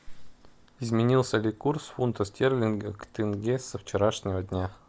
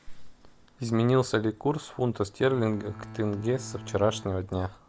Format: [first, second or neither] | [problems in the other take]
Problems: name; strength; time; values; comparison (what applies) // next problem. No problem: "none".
first | background sound (Bowed string instrument); 15 dB below the speech